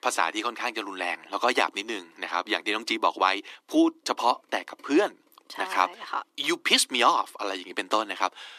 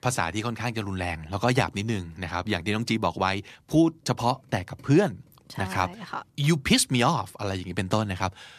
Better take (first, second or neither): second